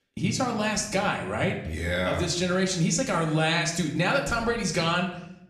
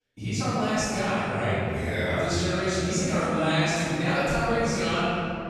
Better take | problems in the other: first | room echo; strong; dies away in 3 s; slight in the first // off-mic speech; far; somewhat distant in the first

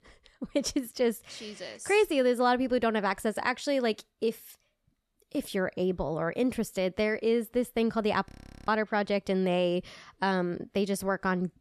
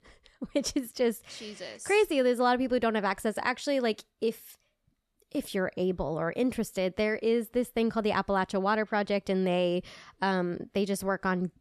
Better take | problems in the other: second | audio freezing; at 8.5 s

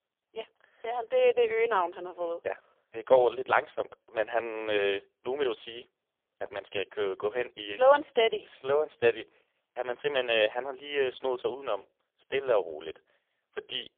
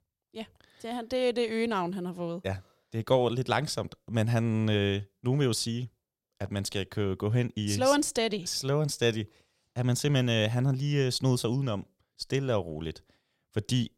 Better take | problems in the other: second | phone-call audio; poor line; nothing above 3.5 kHz

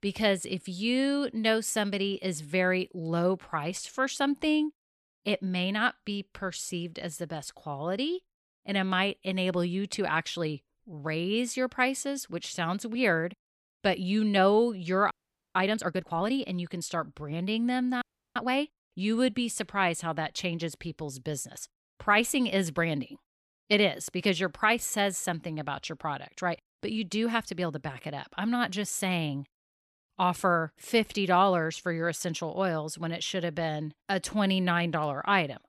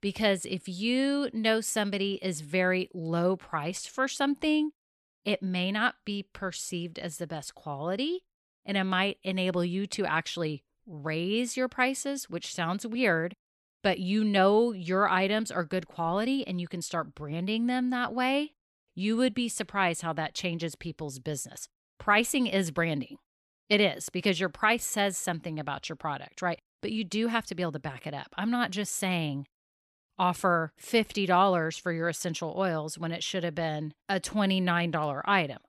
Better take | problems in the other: second | audio freezing; at 15 s and at 18 s

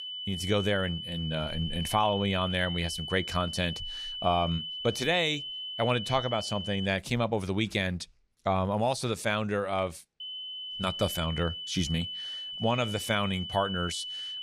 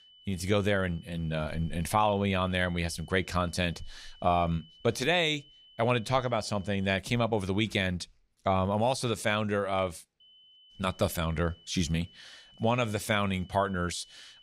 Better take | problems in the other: second | high-pitched whine; loud; until 7 s and from 10 s on; 3 kHz, 6 dB below the speech; faint in the second

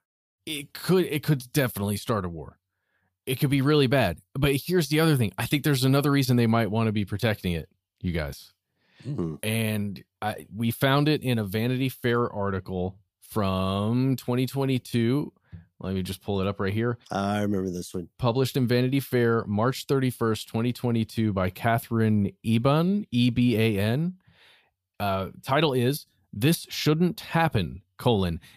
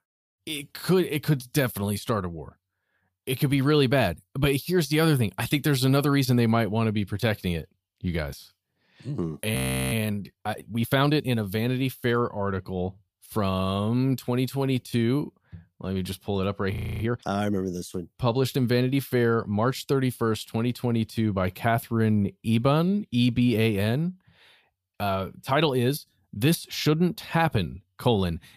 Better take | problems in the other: first | audio freezing; at 9.5 s and at 17 s

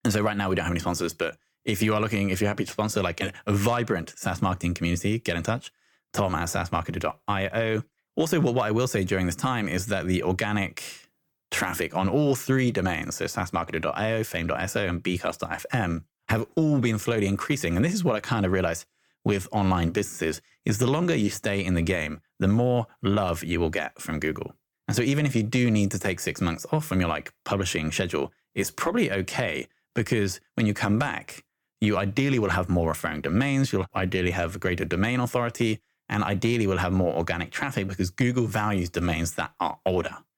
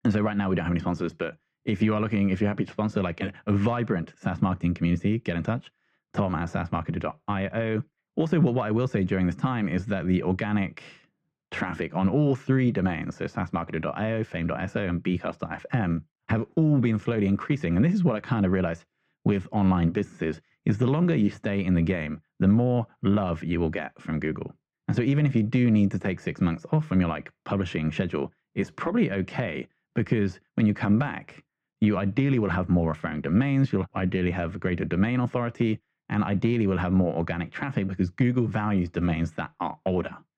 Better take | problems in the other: first | muffled; slightly; fading above 2.5 kHz

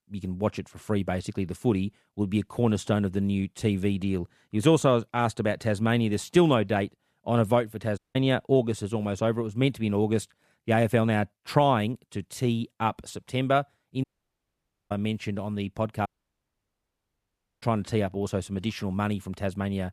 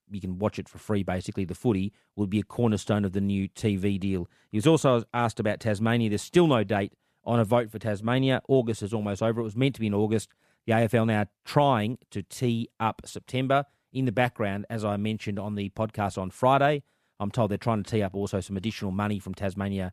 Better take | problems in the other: second | audio cutting out; at 8 s, at 14 s for 1 s and at 16 s for 1.5 s

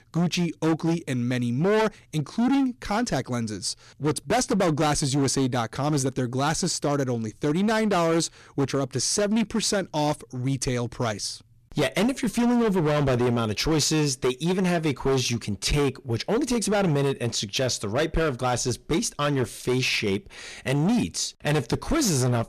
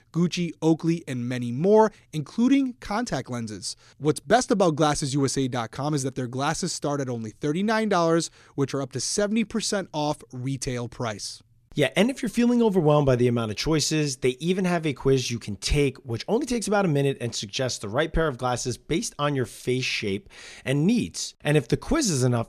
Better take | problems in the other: second | distortion; heavy; 15% of the sound clipped

